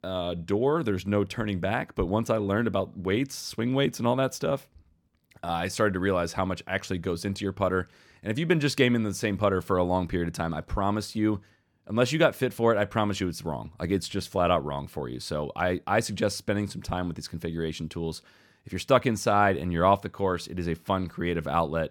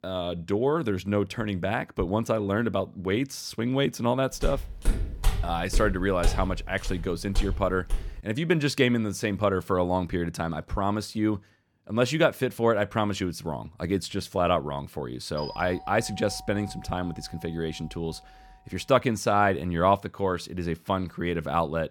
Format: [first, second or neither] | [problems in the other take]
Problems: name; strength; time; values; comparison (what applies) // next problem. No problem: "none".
first | footsteps; noticeable; from 4.5 to 8 s; peak 3 dB below the speech // doorbell; faint; from 15 to 19 s; peak 15 dB below the speech